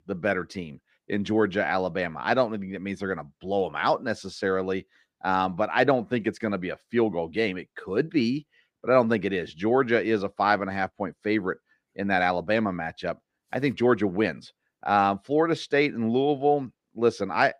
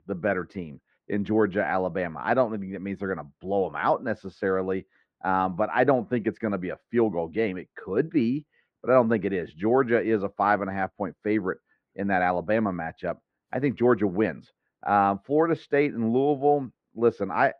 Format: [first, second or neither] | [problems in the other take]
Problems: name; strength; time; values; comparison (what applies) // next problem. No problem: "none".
first | muffled; very; fading above 3 kHz